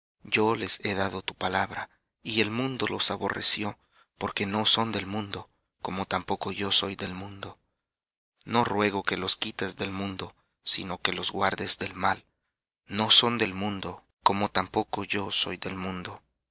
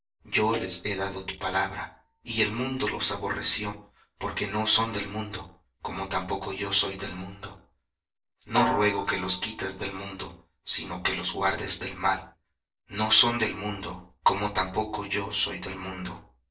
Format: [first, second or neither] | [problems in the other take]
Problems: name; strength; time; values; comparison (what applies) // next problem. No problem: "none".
first | noise reduction (neural separator model SepFormer DNS4)